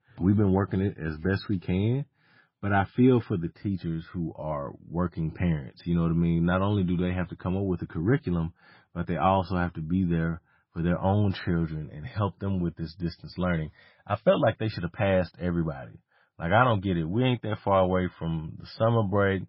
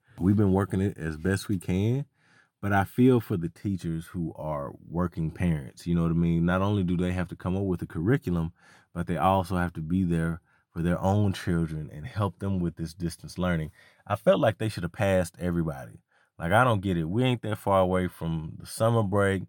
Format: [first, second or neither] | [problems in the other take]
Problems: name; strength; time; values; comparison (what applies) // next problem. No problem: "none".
second | garbled, watery; badly; nothing above 5 kHz